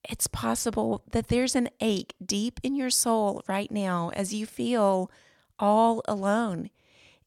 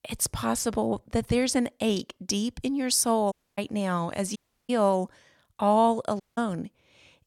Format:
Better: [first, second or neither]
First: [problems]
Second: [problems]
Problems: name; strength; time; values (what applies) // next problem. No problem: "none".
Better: first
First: none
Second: audio cutting out; at 3.5 s, at 4.5 s and at 6 s